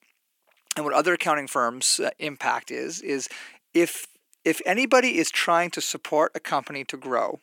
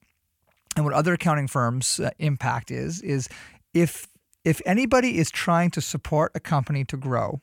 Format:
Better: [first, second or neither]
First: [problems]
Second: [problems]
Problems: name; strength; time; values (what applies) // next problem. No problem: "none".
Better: second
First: thin; somewhat; fading below 300 Hz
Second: none